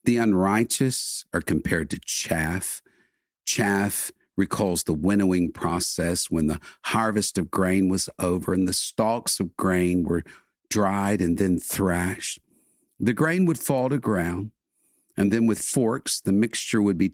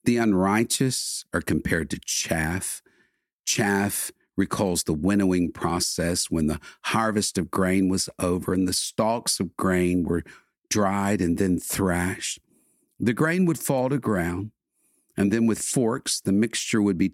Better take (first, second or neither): second